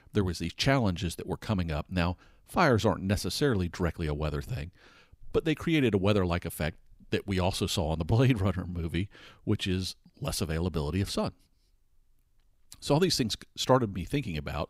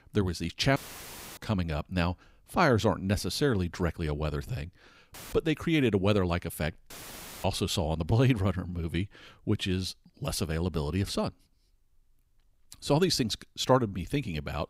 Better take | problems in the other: first | audio cutting out; filled with static; at 1 s for 0.5 s, at 5 s and at 7 s for 0.5 s

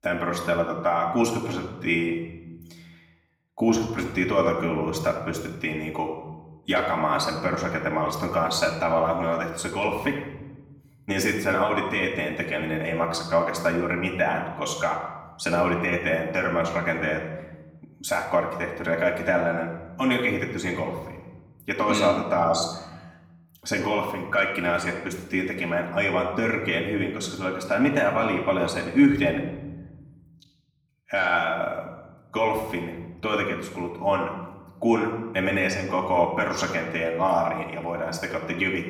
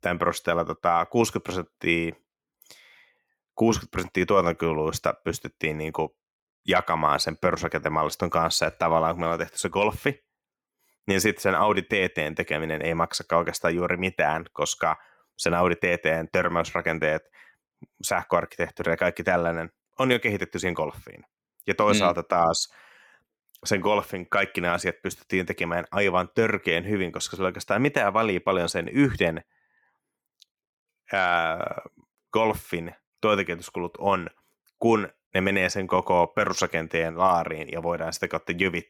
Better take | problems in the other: second | off-mic speech; far // room echo; slight; dies away in 1.1 s

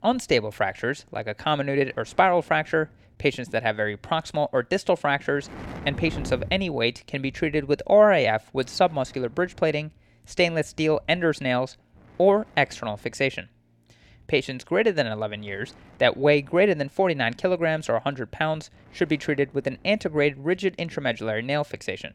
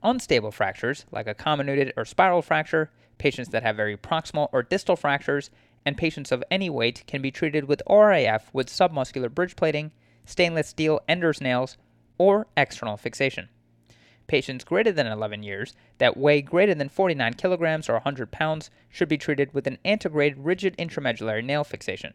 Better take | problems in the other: second | wind noise on the microphone; occasional gusts; 25 dB below the speech

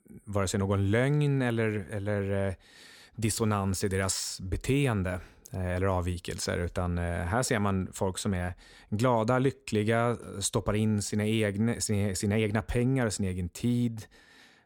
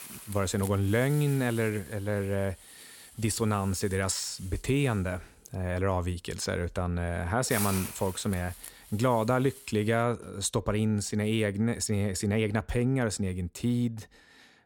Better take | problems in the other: first | hiss; noticeable; until 10 s; 15 dB below the speech

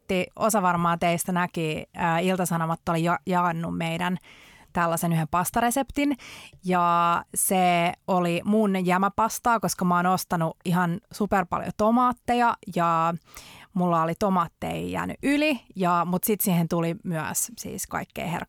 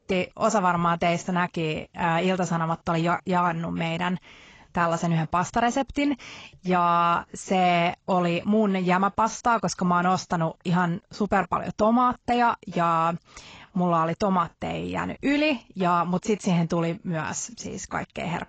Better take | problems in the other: first | garbled, watery; badly; nothing above 7.5 kHz

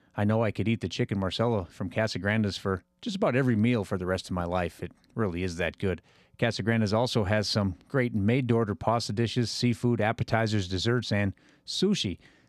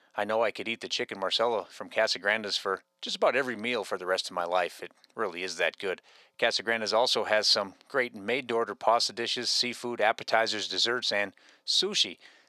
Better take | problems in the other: first | thin; very; fading below 600 Hz

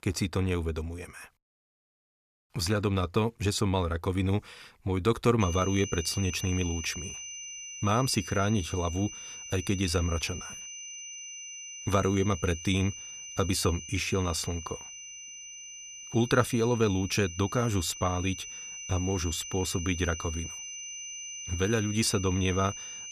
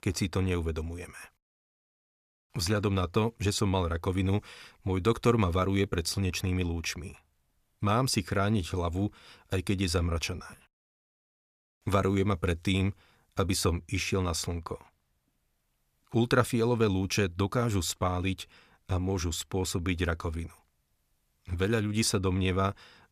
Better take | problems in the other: second | high-pitched whine; loud; from 5.5 s on; 6 kHz, 10 dB below the speech

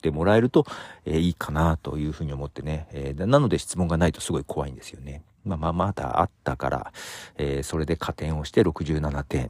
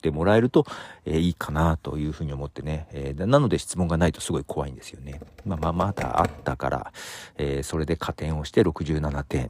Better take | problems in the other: first | keyboard typing; noticeable; from 5 to 6.5 s; peak 8 dB below the speech

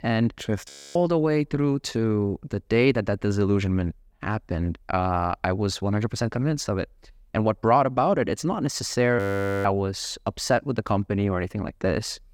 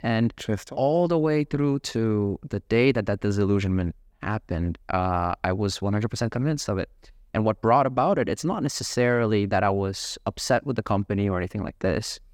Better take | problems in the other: second | audio freezing; at 0.5 s and at 9 s

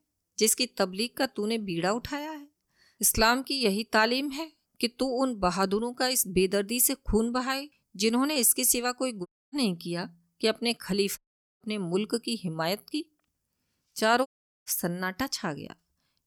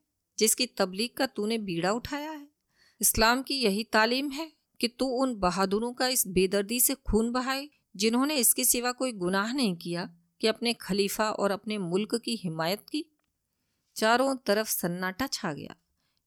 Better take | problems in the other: second | audio cutting out; at 9.5 s, at 11 s and at 14 s

